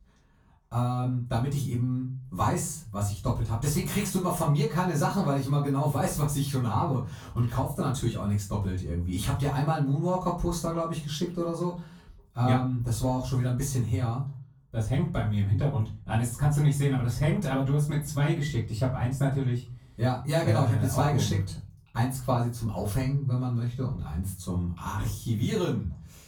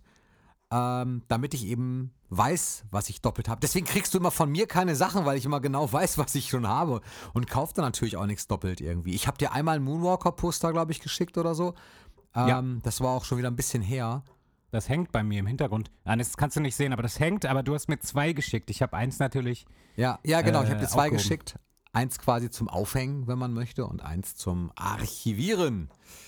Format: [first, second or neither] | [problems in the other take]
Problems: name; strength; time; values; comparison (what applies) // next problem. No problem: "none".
second | room echo; slight; dies away in 0.3 s // off-mic speech; far